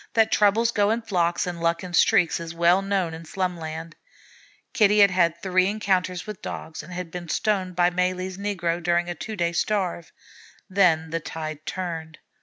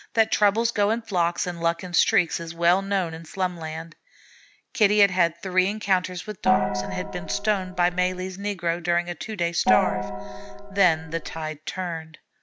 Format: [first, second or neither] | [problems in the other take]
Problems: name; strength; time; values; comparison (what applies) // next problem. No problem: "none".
first | background sound (Gong); 1 dB below the speech